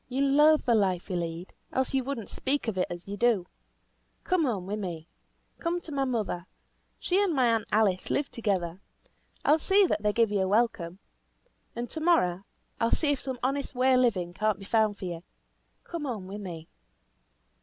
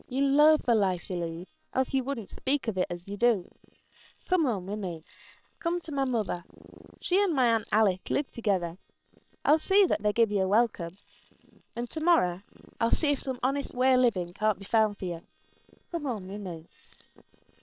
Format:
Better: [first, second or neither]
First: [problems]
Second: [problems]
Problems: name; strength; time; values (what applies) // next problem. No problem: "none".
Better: first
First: none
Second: noise reduction (neural separator model SepFormer WHAM!)